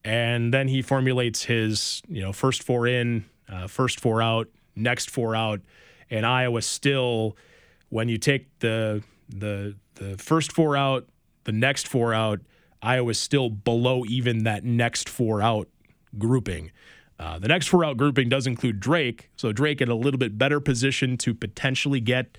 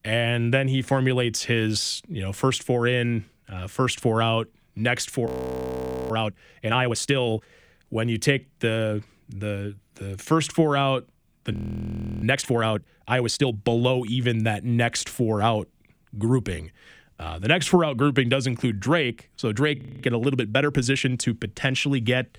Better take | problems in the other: first | audio freezing; at 5.5 s for 1 s, at 12 s for 0.5 s and at 20 s

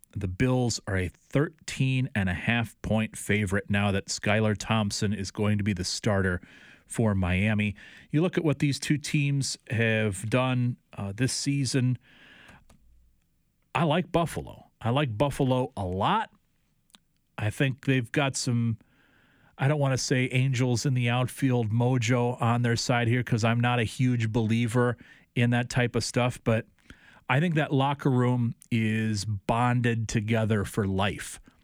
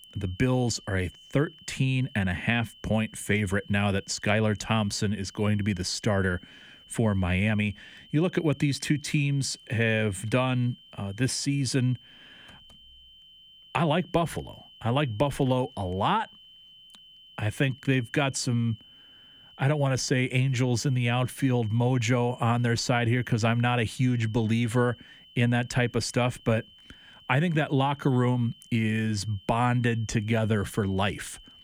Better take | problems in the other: first | high-pitched whine; faint; throughout; 3 kHz, 25 dB below the speech

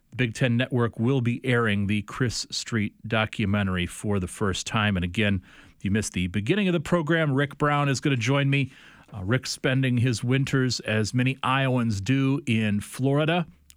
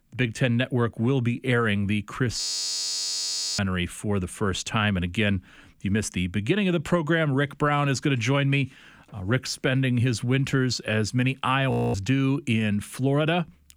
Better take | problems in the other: first | audio freezing; at 2.5 s for 1 s and at 12 s

